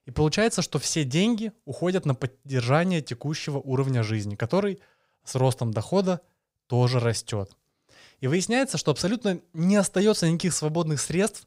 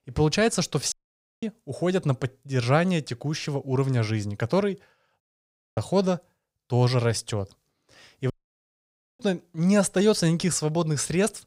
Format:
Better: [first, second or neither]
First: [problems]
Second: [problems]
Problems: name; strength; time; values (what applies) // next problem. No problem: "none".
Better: first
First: none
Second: audio cutting out; at 1 s, at 5 s for 0.5 s and at 8.5 s for 1 s